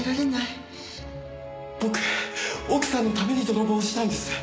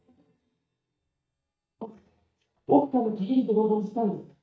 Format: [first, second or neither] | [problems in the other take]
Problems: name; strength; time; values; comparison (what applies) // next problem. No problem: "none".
first | noise reduction (neural mask model DeepFilterNet 3)